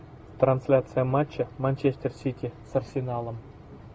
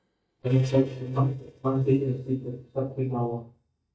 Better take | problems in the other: first | noise reduction (neural mask model DeepFilterNet 3)

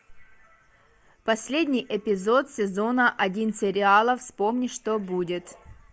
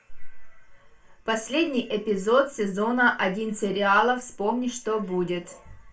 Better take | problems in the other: first | room echo; dies away in 0.3 s

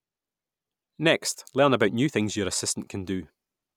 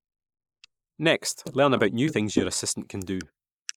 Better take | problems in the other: first | noise reduction (neural mask model Resemble Enhance denoiser)

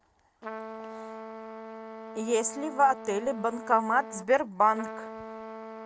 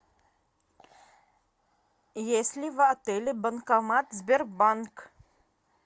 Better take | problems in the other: second | background sound (Trumpet); 12 dB below the speech

